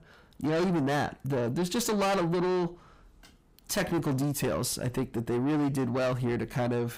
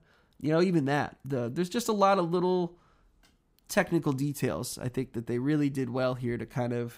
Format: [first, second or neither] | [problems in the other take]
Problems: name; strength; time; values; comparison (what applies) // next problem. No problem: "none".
second | distortion; heavy; 6 dB below the speech